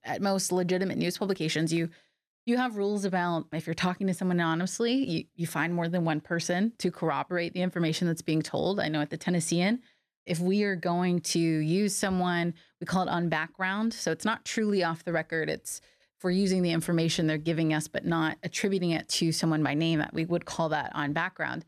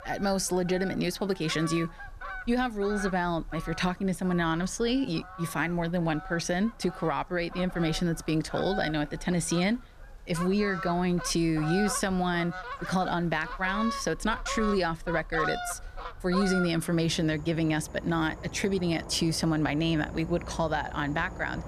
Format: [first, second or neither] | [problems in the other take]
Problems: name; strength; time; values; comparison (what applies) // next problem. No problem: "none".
first | animal sounds; noticeable; throughout; 10 dB below the speech